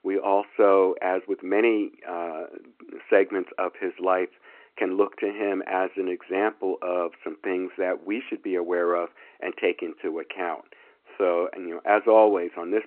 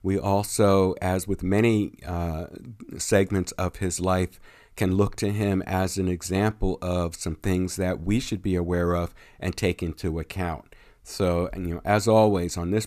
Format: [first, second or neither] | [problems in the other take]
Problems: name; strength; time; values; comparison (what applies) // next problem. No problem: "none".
second | phone-call audio